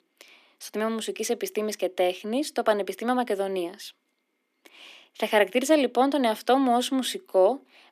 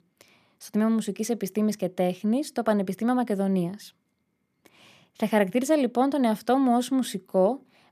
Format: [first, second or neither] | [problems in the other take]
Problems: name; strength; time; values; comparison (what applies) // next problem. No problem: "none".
second | thin; very slightly; fading below 250 Hz